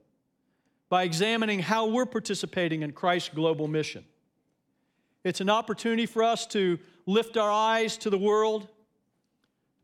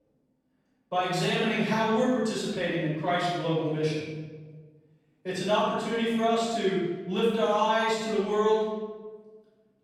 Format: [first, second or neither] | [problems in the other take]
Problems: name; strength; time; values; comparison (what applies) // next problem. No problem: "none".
first | off-mic speech; far // room echo; strong; dies away in 1.2 s